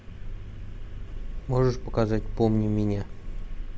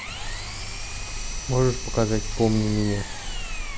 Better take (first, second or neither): first